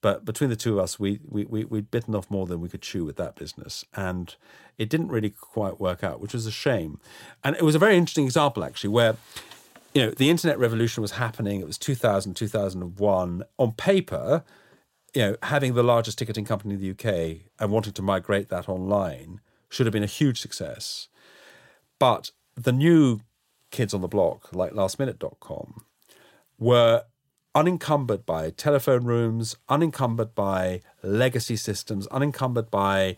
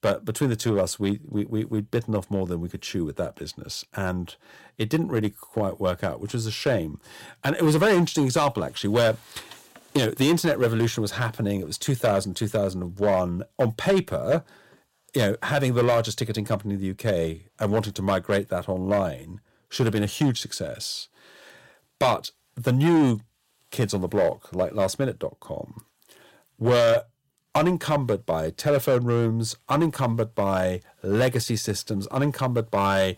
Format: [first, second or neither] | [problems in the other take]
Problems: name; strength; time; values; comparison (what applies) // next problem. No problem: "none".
first | distortion; slight; 4% of the sound clipped